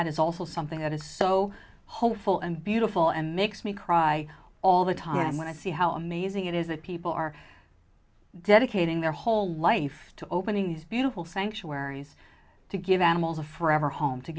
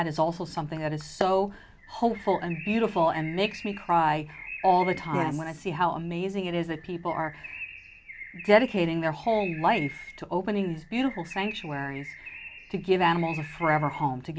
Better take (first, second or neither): first